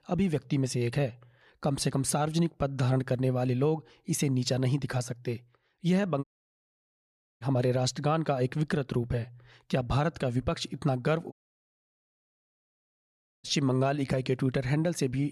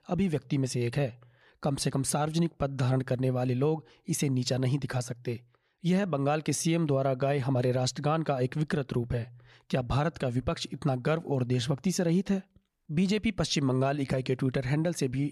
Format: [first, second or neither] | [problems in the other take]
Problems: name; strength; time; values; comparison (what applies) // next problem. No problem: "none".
second | audio cutting out; at 6 s for 1 s and at 11 s for 2 s